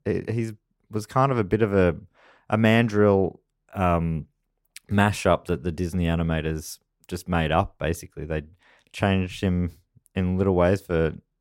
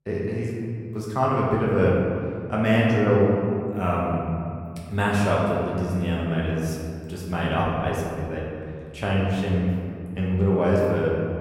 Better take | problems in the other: first | room echo; noticeable; dies away in 2.2 s // off-mic speech; far

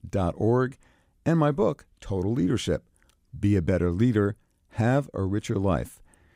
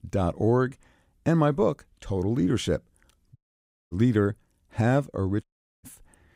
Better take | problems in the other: first | audio cutting out; at 3.5 s for 0.5 s and at 5.5 s

